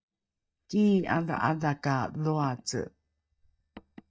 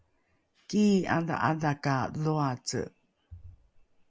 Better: second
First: noise reduction (neural mask model DeepFilterNet 3)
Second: none

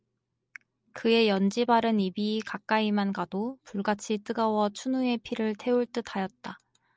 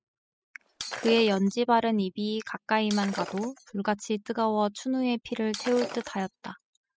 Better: first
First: none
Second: noise reduction (classical method spectral subtraction)

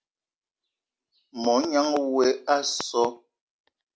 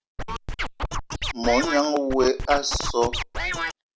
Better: first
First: none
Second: background sound (Scratching (performance technique)); 3 dB below the speech

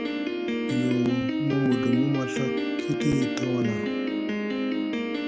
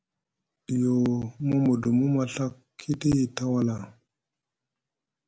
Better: second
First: background sound (Piano); 1 dB above the speech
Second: none

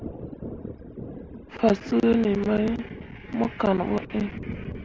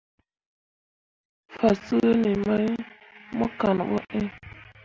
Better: second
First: background sound (Thunder); 11 dB below the speech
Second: none

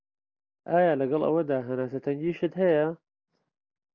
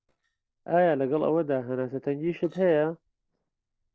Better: first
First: none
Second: noise reduction (neural separator model SepFormer DNS4)

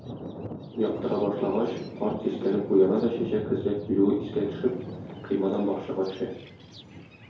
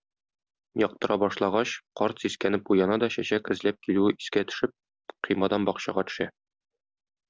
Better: second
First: background sound (Thunder); 10 dB below the speech // room echo; dies away in 2.2 s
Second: none

